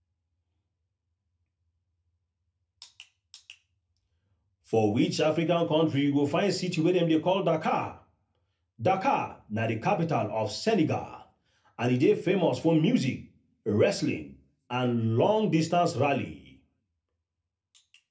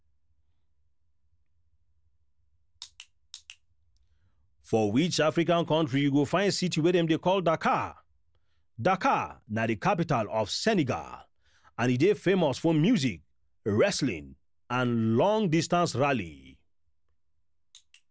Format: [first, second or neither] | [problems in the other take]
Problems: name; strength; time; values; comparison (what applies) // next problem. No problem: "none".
second | room echo; dies away in 0.3 s